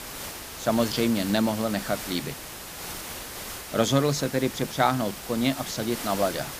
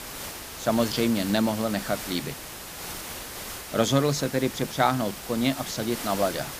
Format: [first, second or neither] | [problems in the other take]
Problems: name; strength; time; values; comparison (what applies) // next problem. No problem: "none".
neither | hiss; loud; throughout; 9 dB below the speech; the same in both